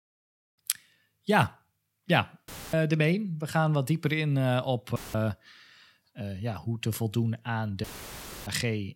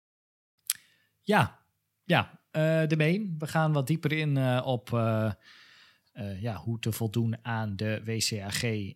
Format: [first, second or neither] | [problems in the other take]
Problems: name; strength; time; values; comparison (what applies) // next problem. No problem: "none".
second | audio cutting out; filled with static; at 2.5 s, at 5 s and at 8 s for 0.5 s